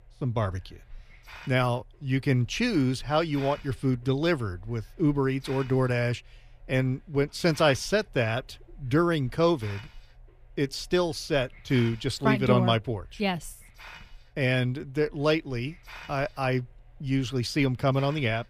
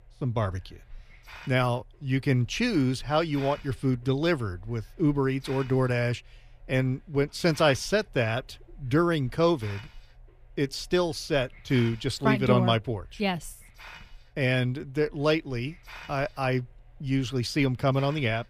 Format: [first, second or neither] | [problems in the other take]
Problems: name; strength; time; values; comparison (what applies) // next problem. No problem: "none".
neither | hiss; faint; throughout; 20 dB below the speech; the same in both